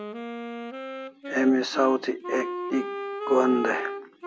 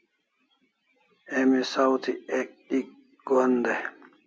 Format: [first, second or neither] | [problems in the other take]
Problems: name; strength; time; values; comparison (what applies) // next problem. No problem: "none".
second | background sound (Wind instrument, woodwind instrument); 7 dB below the speech